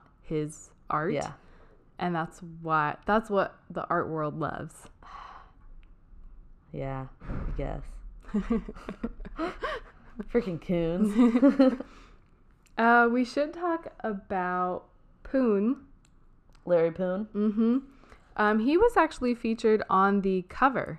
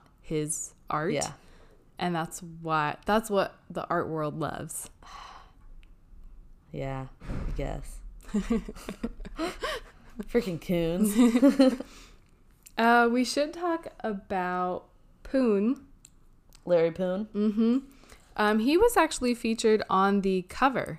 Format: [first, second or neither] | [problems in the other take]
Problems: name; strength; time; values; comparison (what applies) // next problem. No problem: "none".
second | muffled; slightly; fading above 1.5 kHz